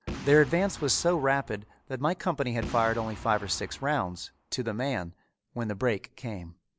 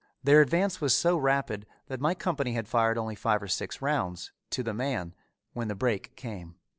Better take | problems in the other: second | background sound (Boom); 14 dB below the speech

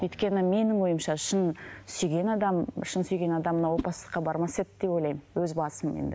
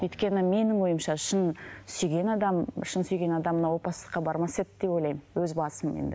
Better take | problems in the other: second | background sound (Whoosh, swoosh, swish); 14 dB below the speech

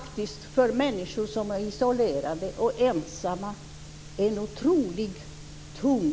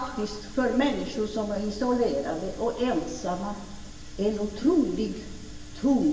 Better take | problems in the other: first | room echo; dies away in 1.1 s

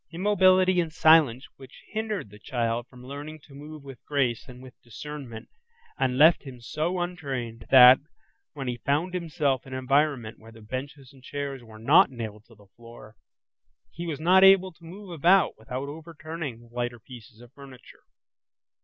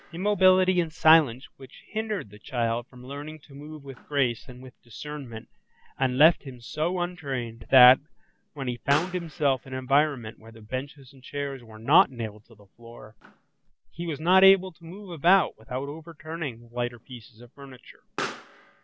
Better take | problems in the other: first | background sound (Explosion); 19 dB below the speech

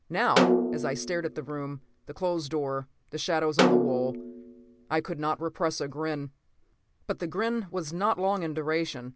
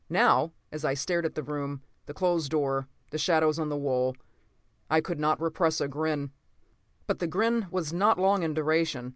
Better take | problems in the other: second | background sound (Snare drum); 1 dB above the speech

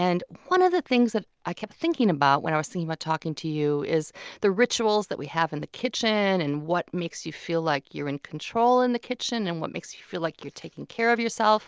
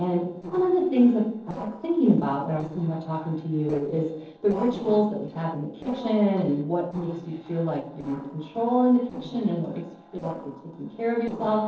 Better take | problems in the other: first | noise reduction (neural separator model SepFormer DNS4)

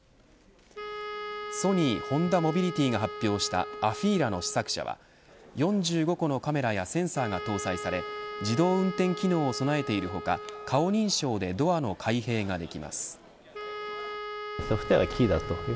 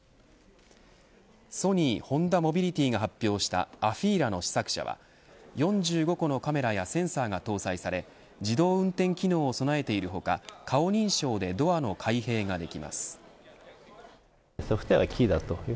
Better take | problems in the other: second | background sound (Wind instrument, woodwind instrument); 11 dB below the speech

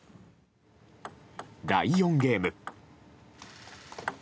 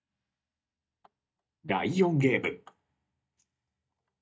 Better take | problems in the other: first | noise reduction (neural mask model DeepFilterNet 3)

